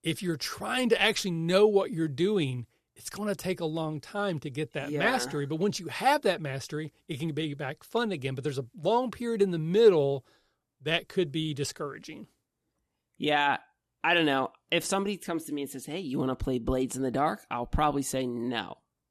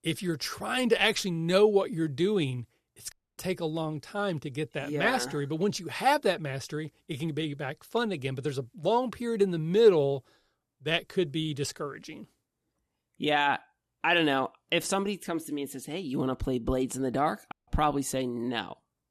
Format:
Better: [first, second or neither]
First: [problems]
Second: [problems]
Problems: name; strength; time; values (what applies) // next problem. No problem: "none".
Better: first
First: none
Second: audio cutting out; at 3 s and at 18 s